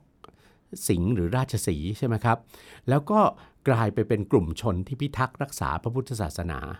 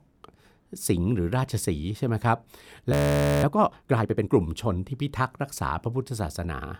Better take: first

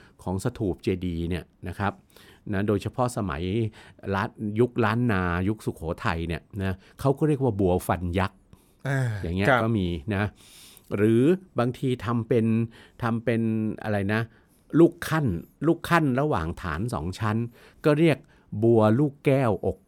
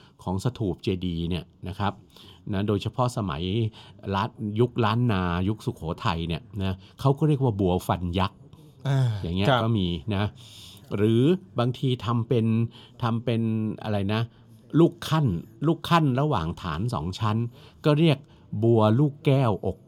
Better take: first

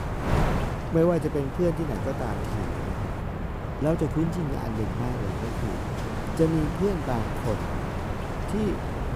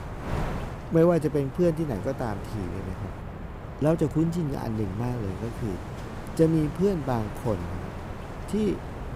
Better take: second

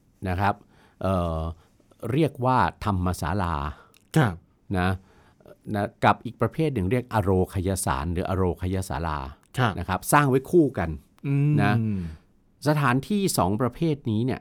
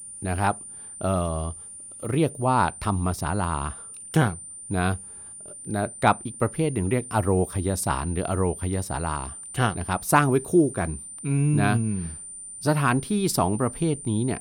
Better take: first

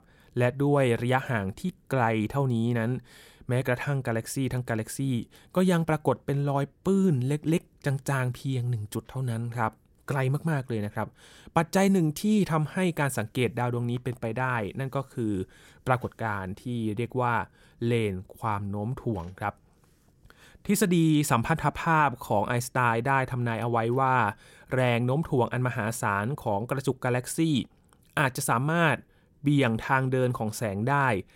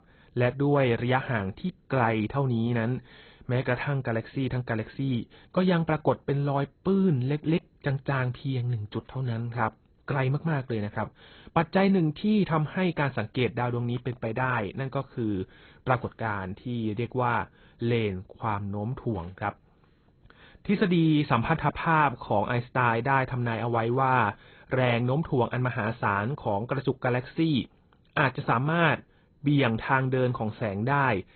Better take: first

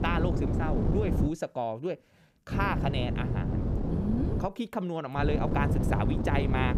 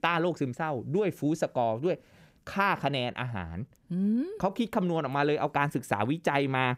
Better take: second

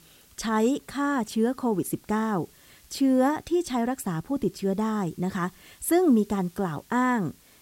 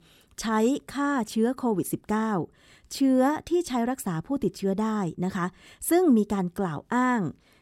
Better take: second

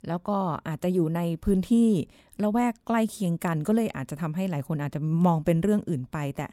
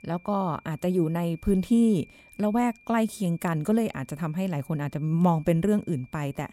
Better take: first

